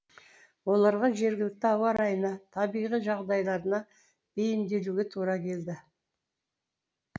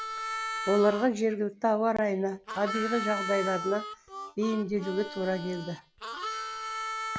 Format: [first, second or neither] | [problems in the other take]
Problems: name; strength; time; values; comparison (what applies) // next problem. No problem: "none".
first | background sound (Harmonica); 7 dB below the speech